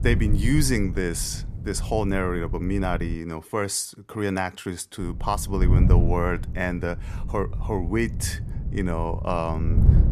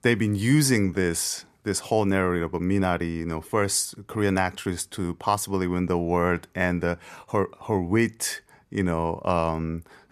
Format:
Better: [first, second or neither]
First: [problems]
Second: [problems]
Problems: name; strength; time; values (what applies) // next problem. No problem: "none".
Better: second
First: wind noise on the microphone; occasional gusts; until 3 s and from 5 s on; 10 dB below the speech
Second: none